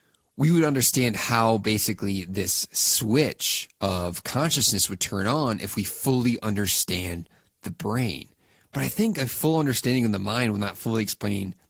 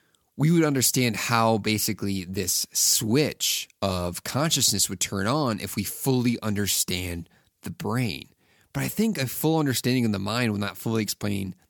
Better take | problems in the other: second | garbled, watery; slightly; nothing above 15.5 kHz

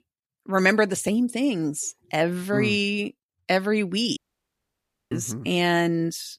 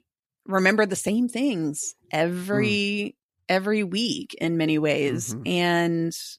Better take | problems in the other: second | audio cutting out; at 4 s for 1 s

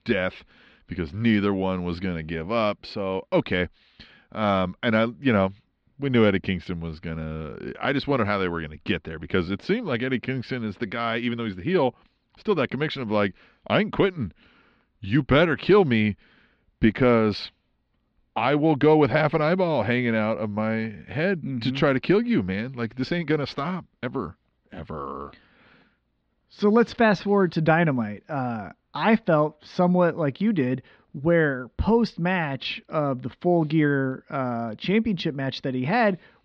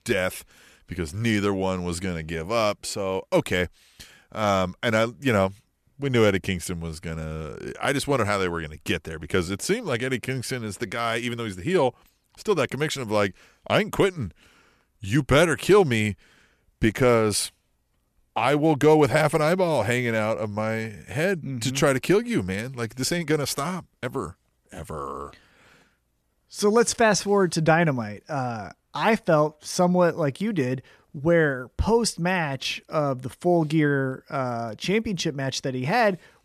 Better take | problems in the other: second | muffled; slightly; fading above 4 kHz

